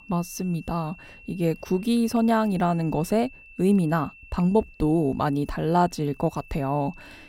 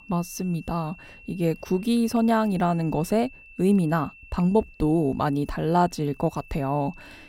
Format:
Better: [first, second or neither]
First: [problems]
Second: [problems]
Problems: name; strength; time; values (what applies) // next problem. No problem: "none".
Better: neither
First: high-pitched whine; faint; throughout; 2.5 kHz, 25 dB below the speech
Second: high-pitched whine; faint; throughout; 2.5 kHz, 25 dB below the speech